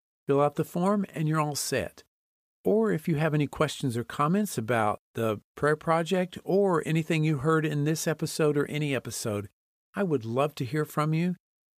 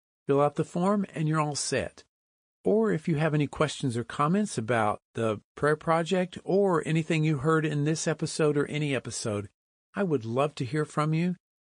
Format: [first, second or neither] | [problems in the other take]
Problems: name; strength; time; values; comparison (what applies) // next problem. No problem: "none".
first | garbled, watery; slightly; nothing above 9 kHz